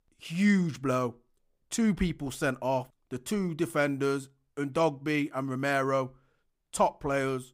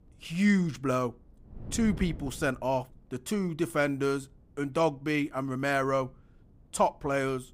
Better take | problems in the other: first | wind noise on the microphone; occasional gusts; 25 dB below the speech

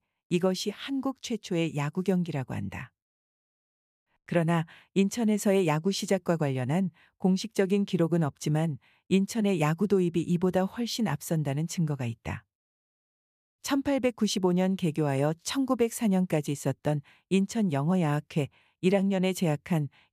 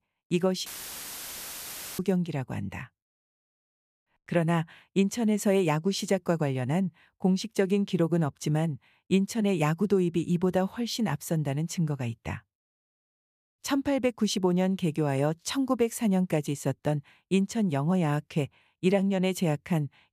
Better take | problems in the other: first | audio cutting out; filled with static; at 0.5 s for 1.5 s

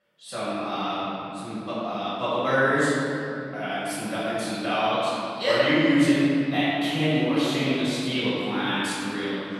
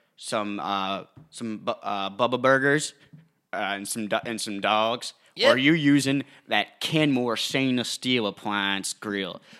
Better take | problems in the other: second | off-mic speech; far // room echo; strong; dies away in 2.8 s

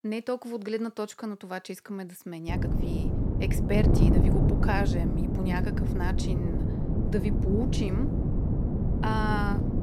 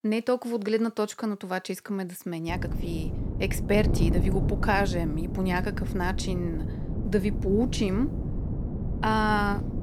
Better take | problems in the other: second | wind noise on the microphone; heavy; from 2.5 s on; 1 dB below the speech; occasional gusts in the second

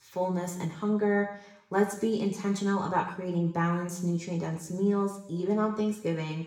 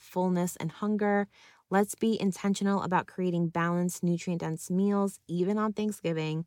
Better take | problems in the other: second | room echo; slight; dies away in 0.8 s // off-mic speech; somewhat distant

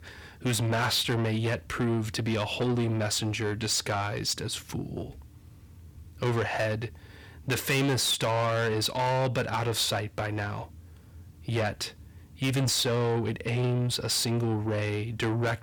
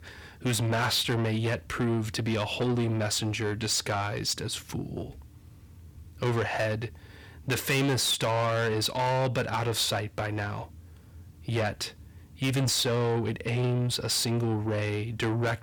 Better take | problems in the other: neither | distortion; heavy; 7 dB below the speech; the same in both

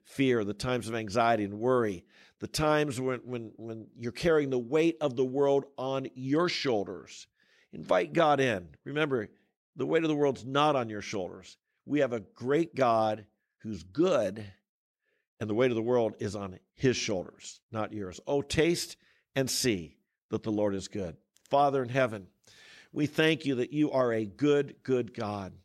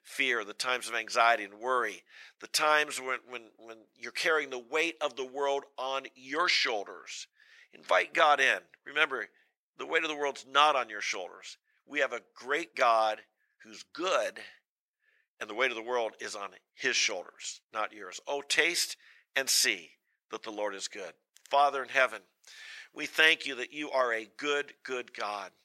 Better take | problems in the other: first | thin; very; fading below 900 Hz

